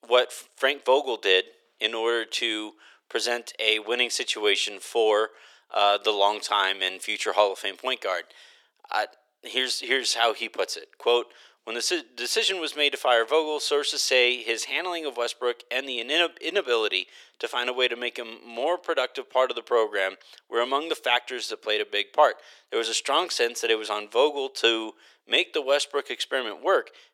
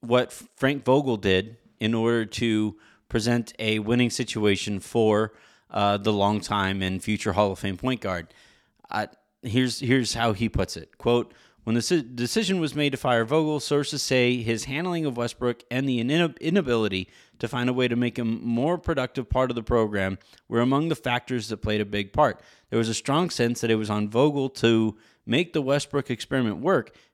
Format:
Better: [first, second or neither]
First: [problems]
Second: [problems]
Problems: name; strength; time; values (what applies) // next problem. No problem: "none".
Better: second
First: thin; very; fading below 400 Hz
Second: none